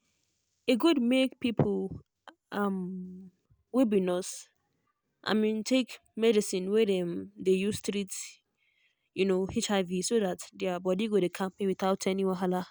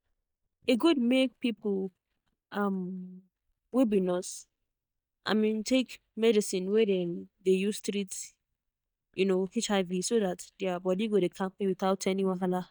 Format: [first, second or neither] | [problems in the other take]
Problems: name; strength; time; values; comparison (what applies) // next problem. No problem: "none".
first | noise reduction (neural mask model DeepFilterNet 3)